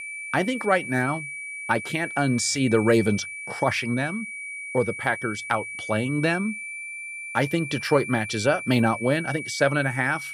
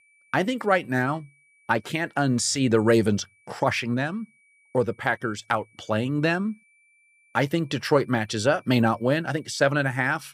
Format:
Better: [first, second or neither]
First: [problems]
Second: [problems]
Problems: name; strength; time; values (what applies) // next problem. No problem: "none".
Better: second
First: high-pitched whine; loud; throughout; 2.5 kHz, 8 dB below the speech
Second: high-pitched whine; faint; throughout; 2.5 kHz, 35 dB below the speech